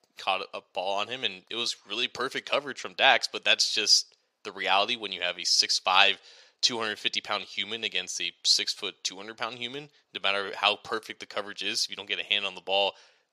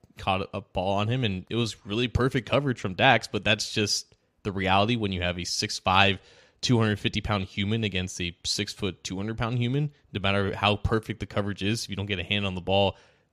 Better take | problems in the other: second | thin; very; fading below 550 Hz

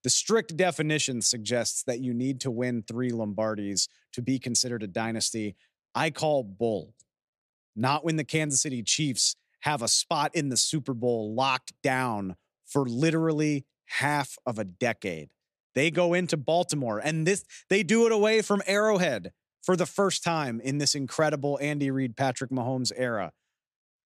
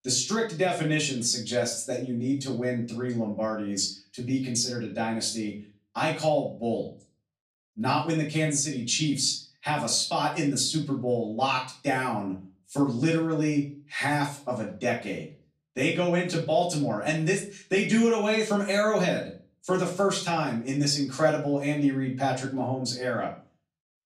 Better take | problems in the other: first | room echo; slight; dies away in 0.3 s // off-mic speech; far

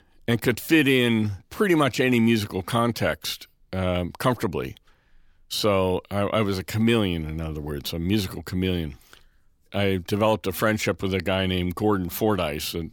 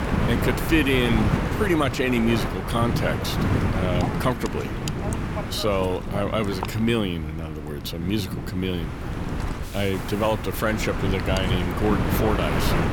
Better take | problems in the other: first | wind noise on the microphone; heavy; 4 dB below the speech

